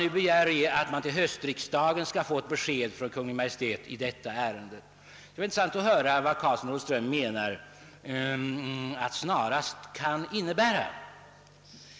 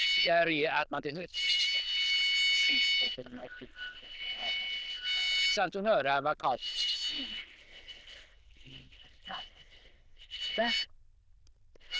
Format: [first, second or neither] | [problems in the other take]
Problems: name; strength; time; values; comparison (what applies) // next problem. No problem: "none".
first | noise reduction (neural diffusion model UNIVERSE++)